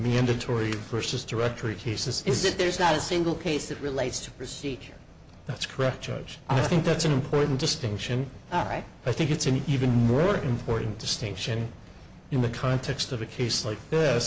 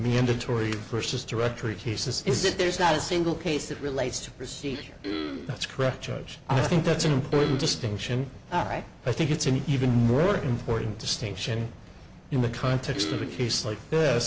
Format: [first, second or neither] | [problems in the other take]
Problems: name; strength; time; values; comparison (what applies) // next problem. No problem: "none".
first | background sound (Cough); 9 dB below the speech